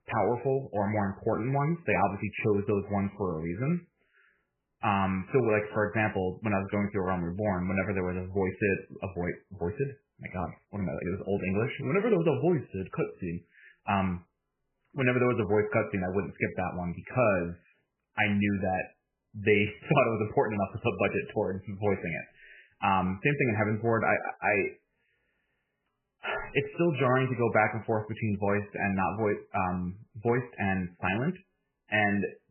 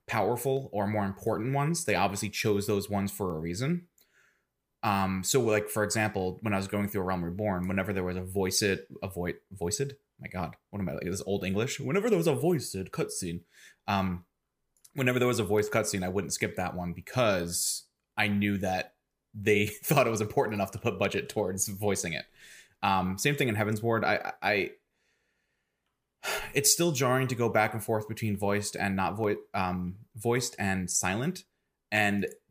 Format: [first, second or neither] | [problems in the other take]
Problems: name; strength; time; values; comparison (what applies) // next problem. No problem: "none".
second | garbled, watery; badly; nothing above 2.5 kHz